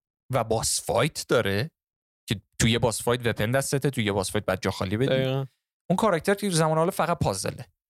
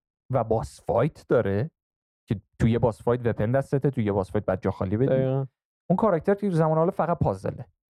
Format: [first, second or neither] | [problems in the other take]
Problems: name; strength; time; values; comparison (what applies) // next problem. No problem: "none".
first | muffled; very; fading above 2 kHz